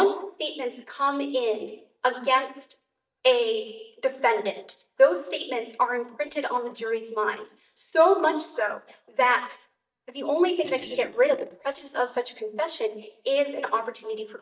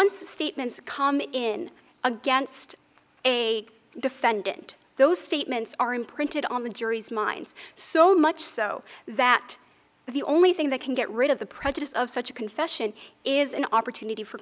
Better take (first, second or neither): second